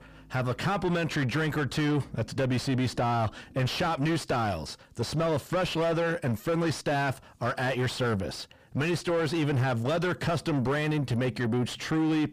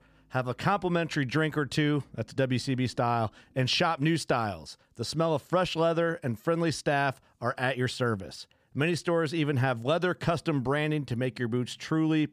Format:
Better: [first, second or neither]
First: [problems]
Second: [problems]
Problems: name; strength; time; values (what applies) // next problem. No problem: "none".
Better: second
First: distortion; heavy; 7 dB below the speech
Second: none